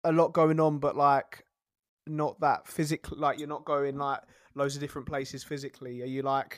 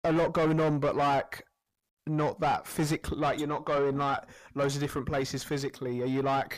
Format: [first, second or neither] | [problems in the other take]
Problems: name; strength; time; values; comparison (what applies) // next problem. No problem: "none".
first | distortion; heavy; 5 dB below the speech